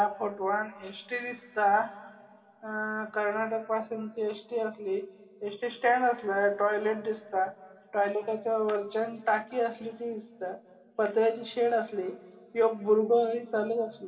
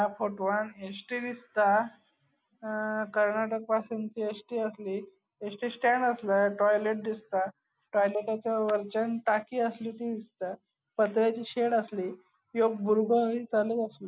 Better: second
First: room echo; dies away in 2.4 s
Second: none

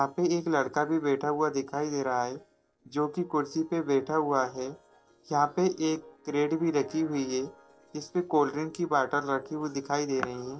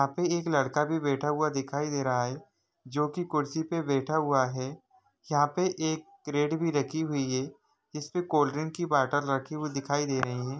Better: second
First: noise reduction (neural separator model SepFormer DNS4)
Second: none

